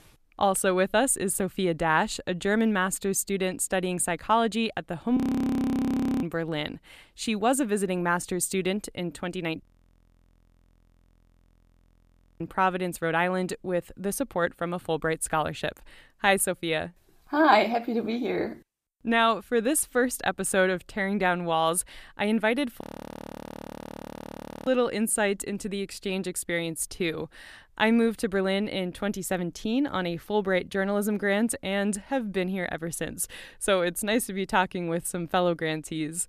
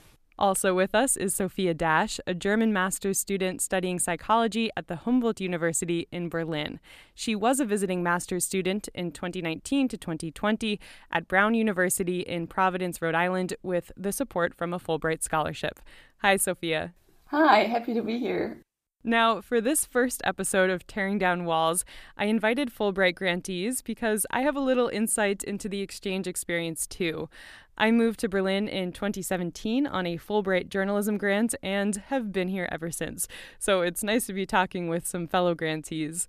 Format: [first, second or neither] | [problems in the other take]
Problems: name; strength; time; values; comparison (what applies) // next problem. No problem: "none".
second | audio freezing; at 5 s for 1 s, at 9.5 s for 3 s and at 23 s for 2 s